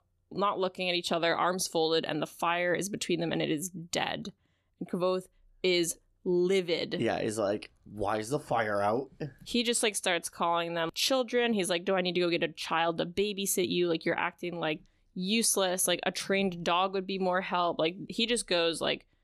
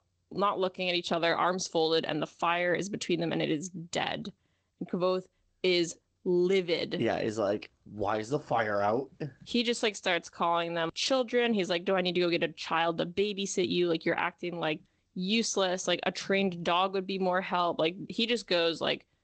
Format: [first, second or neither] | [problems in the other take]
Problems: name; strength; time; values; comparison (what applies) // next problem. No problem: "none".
first | garbled, watery; slightly; nothing above 8 kHz